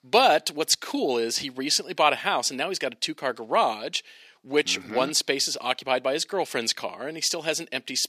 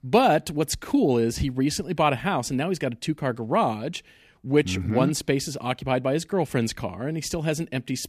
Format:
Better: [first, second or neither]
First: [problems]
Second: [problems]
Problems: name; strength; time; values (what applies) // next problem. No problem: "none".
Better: second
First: thin; somewhat; fading below 450 Hz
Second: none